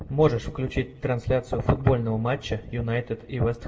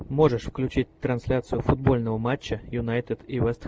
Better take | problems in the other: second | room echo; dies away in 1 s

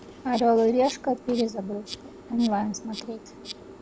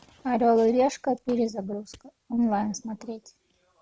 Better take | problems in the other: second | background sound (Insect); 16 dB below the speech

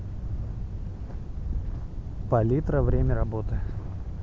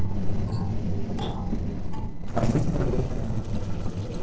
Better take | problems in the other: first | noise reduction (neural separator model SepFormer DNS4)

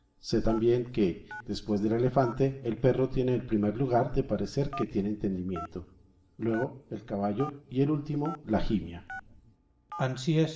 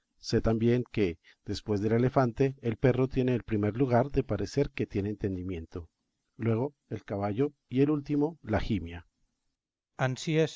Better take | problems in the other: second | background sound (Telephone); 18 dB below the speech // room echo; dies away in 1.6 s

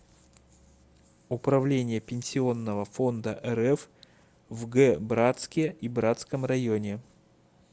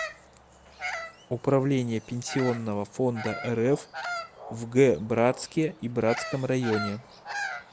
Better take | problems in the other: first | background sound (Bird vocalization, bird call, bird song); 11 dB below the speech

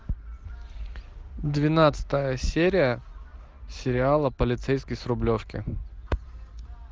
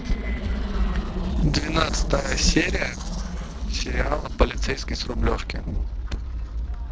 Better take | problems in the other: first | noise reduction (neural separator model SepFormer DNS4)

